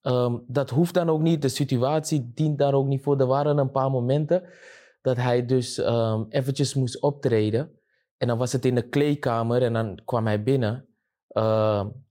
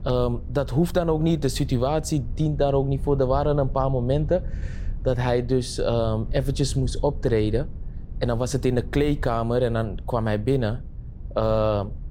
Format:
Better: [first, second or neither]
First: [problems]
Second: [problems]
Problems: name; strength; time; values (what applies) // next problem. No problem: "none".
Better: first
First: none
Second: low rumble; faint; throughout; 25 dB below the speech